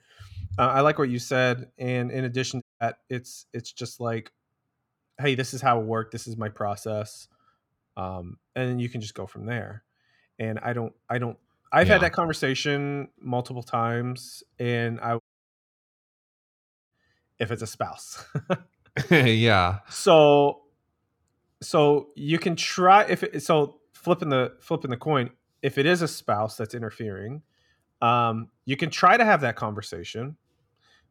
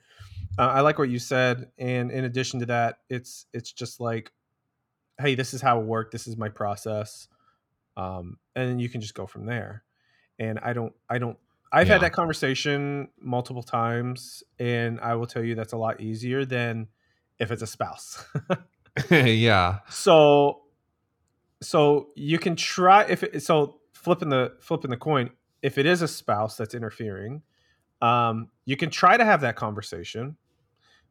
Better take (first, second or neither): second